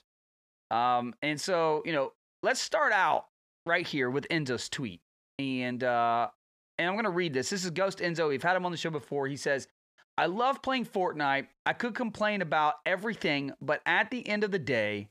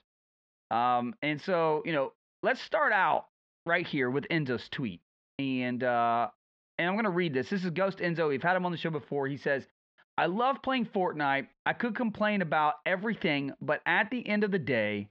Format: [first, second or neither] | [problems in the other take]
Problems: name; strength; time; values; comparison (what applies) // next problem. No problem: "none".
first | muffled; slightly; fading above 3.5 kHz